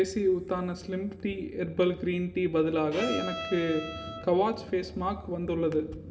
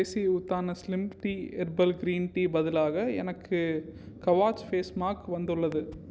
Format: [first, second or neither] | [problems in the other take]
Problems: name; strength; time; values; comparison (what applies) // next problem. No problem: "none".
second | background sound (Bowed string instrument); 8 dB below the speech // room echo; dies away in 2.2 s